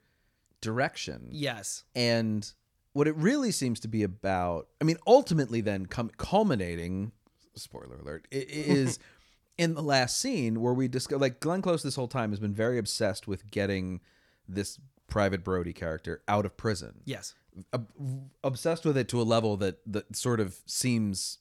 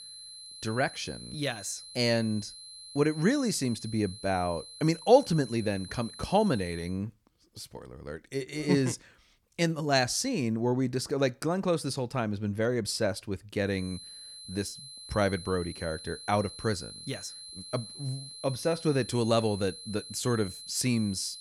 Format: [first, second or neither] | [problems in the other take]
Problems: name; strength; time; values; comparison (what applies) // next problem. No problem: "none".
first | high-pitched whine; noticeable; until 7 s and from 14 s on; 4 kHz, 15 dB below the speech